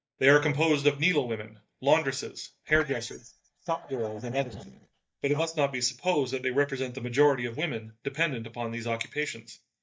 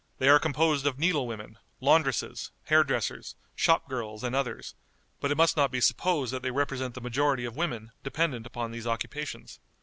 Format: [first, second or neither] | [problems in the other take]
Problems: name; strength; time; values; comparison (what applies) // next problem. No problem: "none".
second | noise reduction (neural mask model DeepFilterNet 3)